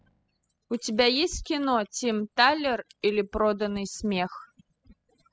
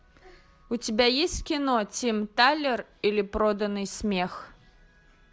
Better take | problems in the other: second | noise reduction (classical method spectral subtraction)

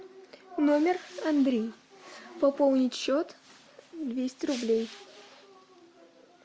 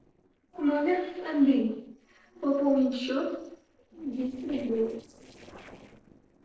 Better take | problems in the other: first | noise reduction (neural separator model SepFormer DNS4)

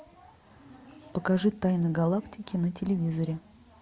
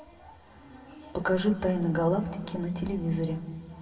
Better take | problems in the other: first | room echo; dies away in 1.3 s

